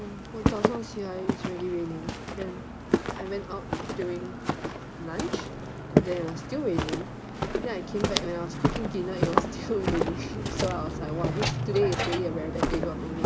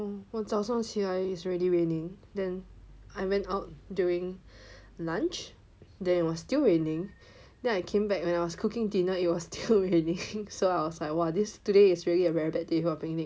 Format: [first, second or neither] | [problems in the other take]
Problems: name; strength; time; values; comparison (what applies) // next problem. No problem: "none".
second | background sound (Walk, footsteps); 3 dB above the speech